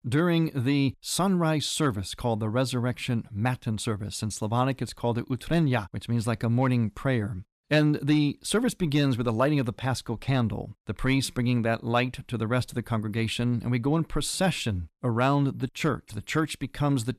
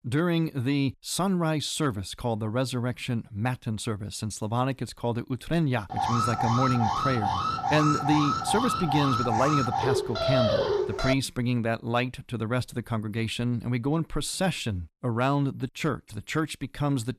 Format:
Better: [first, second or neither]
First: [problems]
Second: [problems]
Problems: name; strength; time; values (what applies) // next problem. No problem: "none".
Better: first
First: none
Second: alarm; loud; from 6 to 11 s; peak 4 dB above the speech